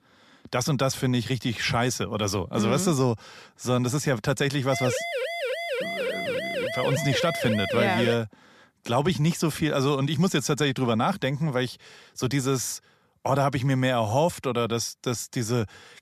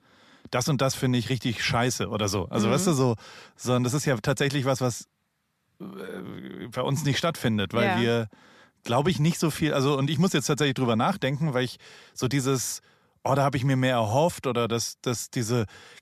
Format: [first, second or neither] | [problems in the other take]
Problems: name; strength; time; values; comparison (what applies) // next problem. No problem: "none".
second | siren; noticeable; from 4.5 to 8 s; peak 3 dB below the speech